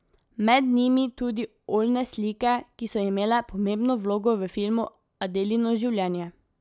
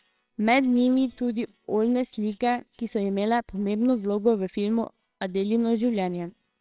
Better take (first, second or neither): first